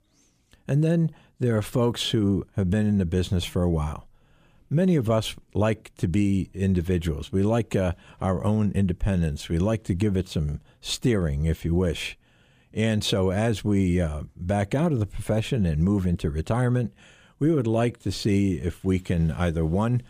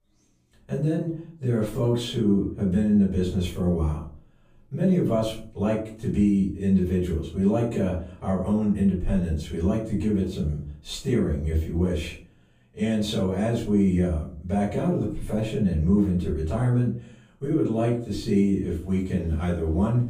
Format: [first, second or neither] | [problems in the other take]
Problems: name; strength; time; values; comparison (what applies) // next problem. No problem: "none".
first | off-mic speech; far // room echo; noticeable; dies away in 0.4 s